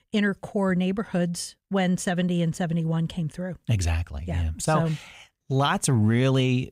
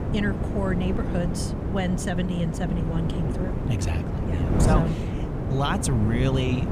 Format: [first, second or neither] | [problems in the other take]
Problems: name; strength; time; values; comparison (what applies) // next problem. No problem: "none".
first | wind noise on the microphone; heavy; 3 dB below the speech